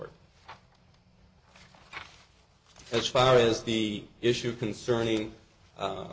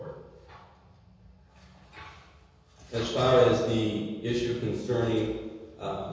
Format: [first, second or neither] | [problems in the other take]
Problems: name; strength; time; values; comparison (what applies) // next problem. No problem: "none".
first | room echo; dies away in 1.2 s